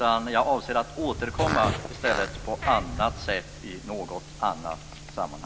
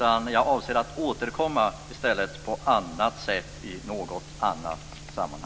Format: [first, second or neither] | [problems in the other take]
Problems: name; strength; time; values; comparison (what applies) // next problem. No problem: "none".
second | background sound (Fart); 4 dB below the speech